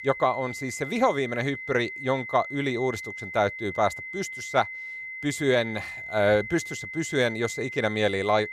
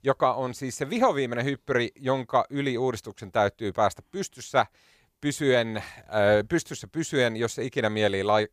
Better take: second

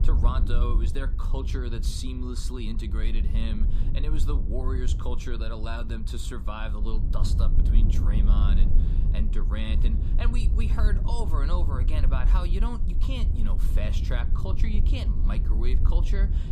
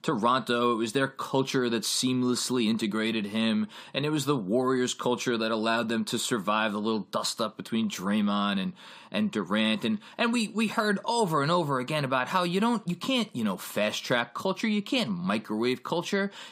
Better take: second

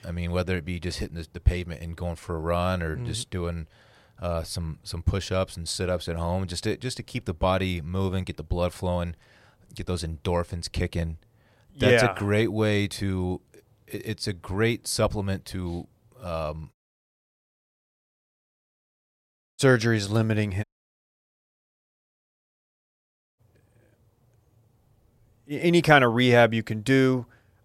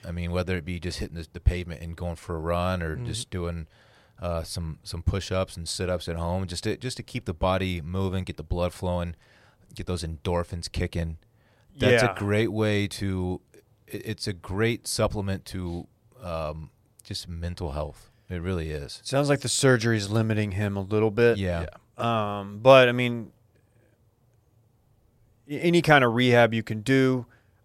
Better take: second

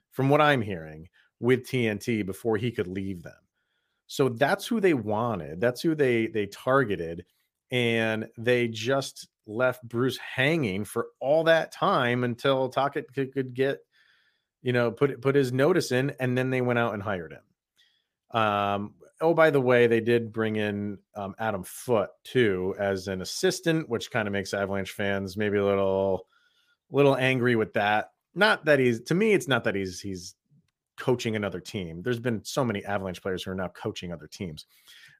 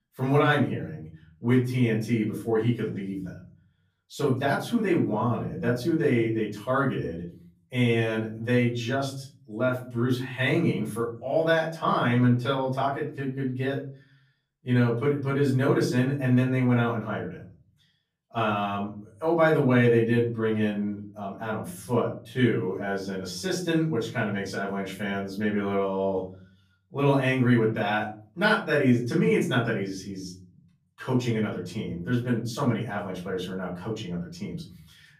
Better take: first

